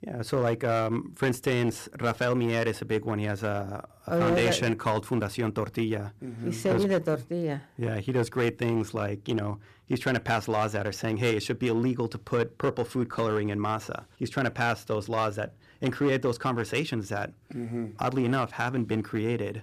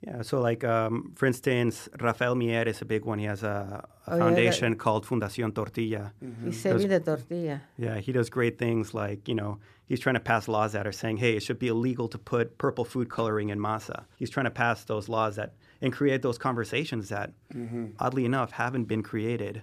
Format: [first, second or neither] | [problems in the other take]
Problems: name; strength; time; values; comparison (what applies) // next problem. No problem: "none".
second | distortion; slight; 5% of the sound clipped